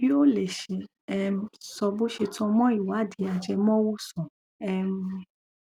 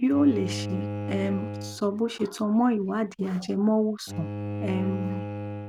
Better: first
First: none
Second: background sound (Bowed string instrument); 8 dB below the speech

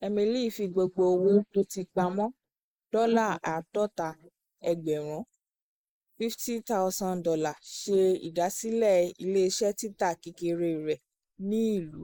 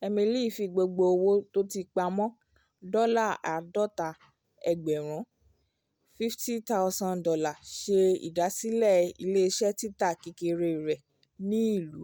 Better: second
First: noise reduction (neural mask model Resemble Enhance denoiser)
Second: none

